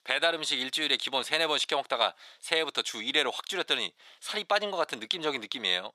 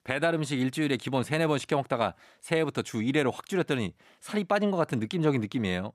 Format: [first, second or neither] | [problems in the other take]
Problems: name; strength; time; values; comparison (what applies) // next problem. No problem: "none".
second | thin; very; fading below 600 Hz